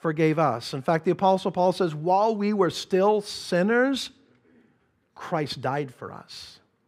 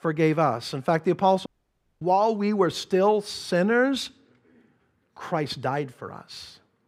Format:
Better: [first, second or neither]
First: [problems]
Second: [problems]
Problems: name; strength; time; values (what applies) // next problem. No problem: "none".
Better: first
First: none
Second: audio cutting out; at 1.5 s for 0.5 s